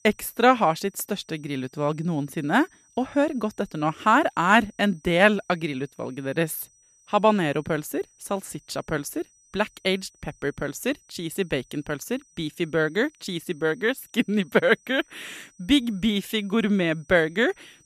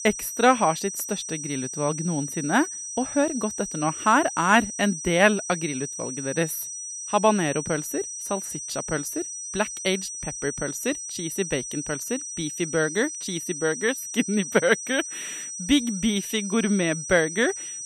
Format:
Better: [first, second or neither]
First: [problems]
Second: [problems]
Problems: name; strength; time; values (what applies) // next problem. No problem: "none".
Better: first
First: high-pitched whine; faint; throughout; 6 kHz, 30 dB below the speech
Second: high-pitched whine; loud; throughout; 6 kHz, 7 dB below the speech